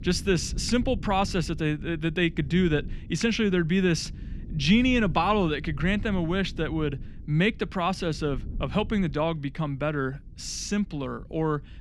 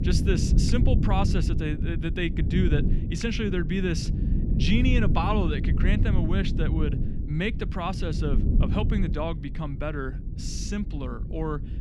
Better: first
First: low rumble; faint; throughout; 25 dB below the speech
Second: low rumble; loud; throughout; 7 dB below the speech

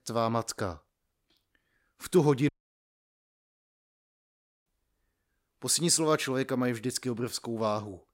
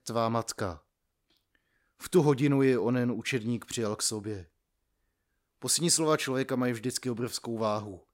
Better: second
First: audio cutting out; at 2.5 s for 2 s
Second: none

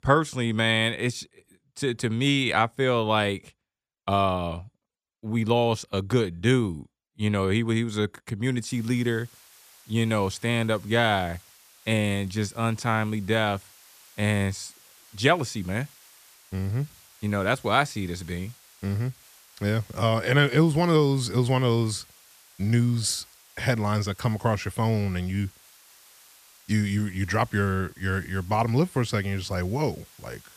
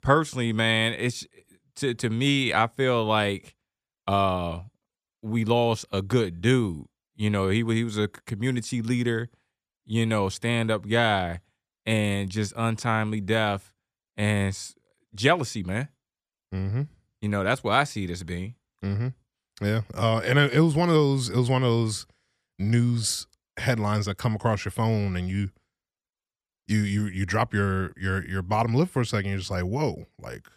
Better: second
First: hiss; faint; from 8.5 s on; 25 dB below the speech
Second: none

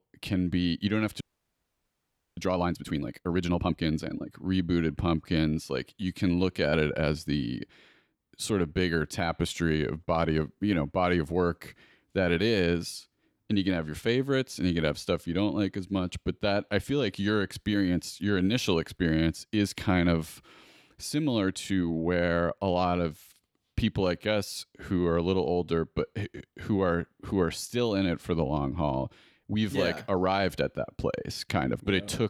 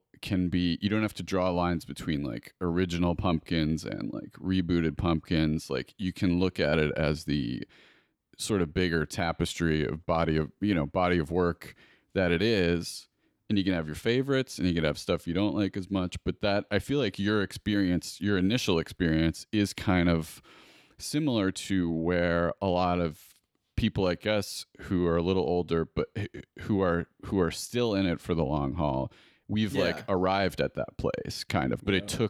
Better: second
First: audio freezing; at 1 s for 1 s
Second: none

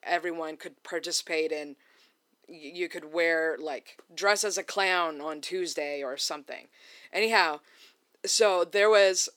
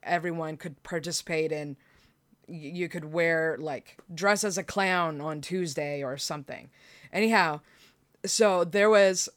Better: second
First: thin; somewhat; fading below 300 Hz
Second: none

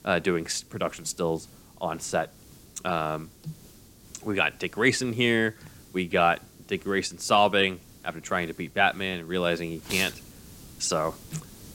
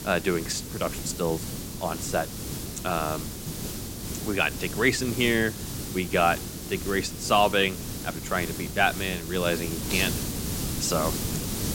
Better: first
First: hiss; faint; throughout; 25 dB below the speech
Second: hiss; loud; throughout; 6 dB below the speech

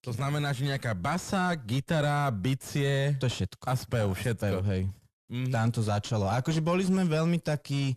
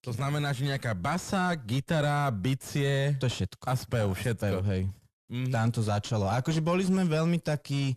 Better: neither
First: distortion; slight; 10 dB below the speech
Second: distortion; slight; 10 dB below the speech

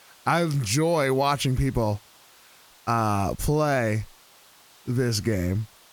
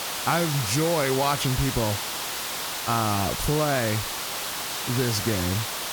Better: first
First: hiss; faint; throughout; 25 dB below the speech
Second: hiss; loud; throughout; 2 dB below the speech

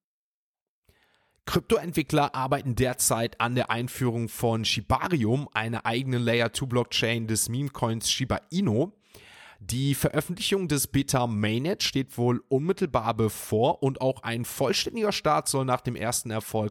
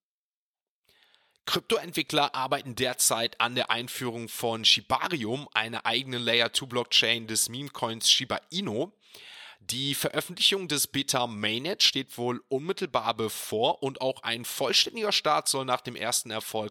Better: first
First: none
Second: thin; very slightly; fading below 500 Hz

